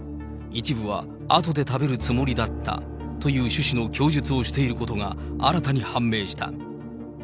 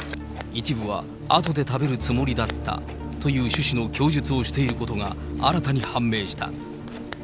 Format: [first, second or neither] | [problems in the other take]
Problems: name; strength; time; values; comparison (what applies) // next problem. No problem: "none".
first | background sound (Scissors); 16 dB below the speech